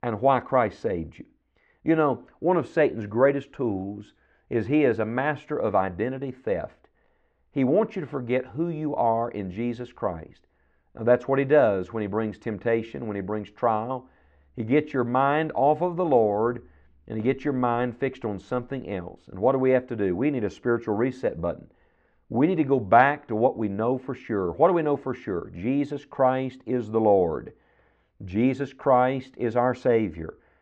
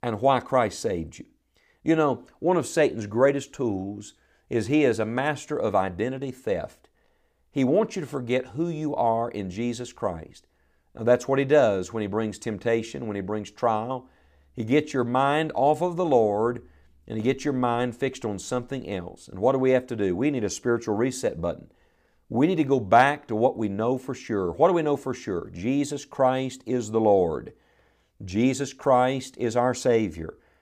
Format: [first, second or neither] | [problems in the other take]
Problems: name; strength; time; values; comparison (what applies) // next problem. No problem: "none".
second | muffled; very; fading above 2 kHz